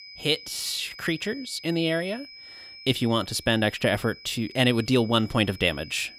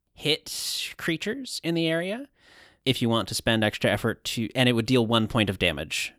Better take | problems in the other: second | high-pitched whine; noticeable; throughout; 5 kHz, 15 dB below the speech

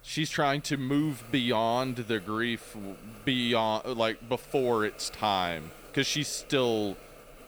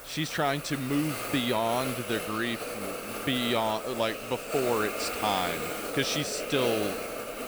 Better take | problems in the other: first | hiss; loud; throughout; 4 dB below the speech; faint in the first

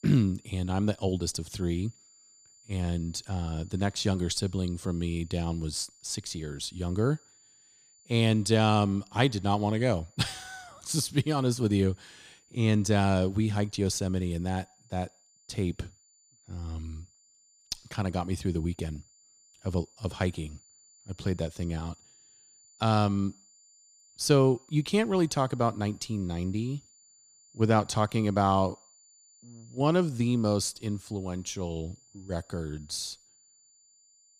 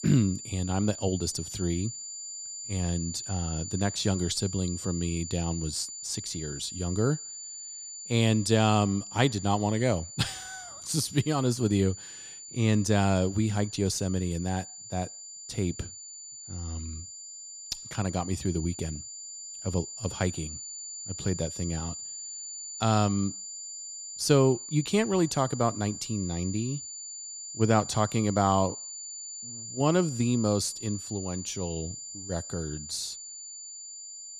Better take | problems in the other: first | high-pitched whine; loud; throughout; 7 kHz, 9 dB below the speech; faint in the first

